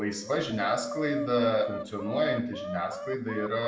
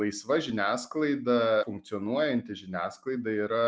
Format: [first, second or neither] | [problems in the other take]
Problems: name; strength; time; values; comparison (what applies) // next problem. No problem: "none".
second | background sound (Chicken, rooster); 9 dB below the speech // room echo; dies away in 0.5 s